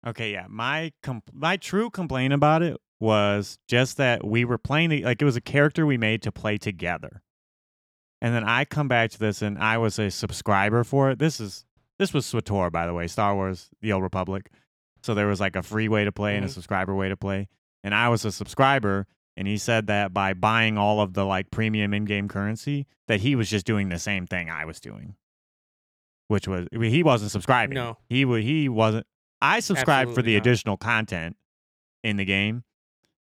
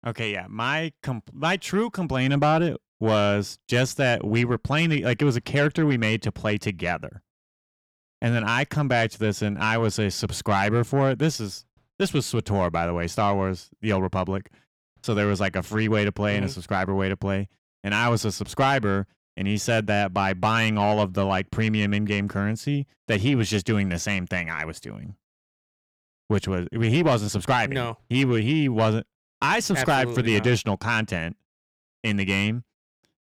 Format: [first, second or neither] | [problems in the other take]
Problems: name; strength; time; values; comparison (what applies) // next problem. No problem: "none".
first | distortion; slight; 10 dB below the speech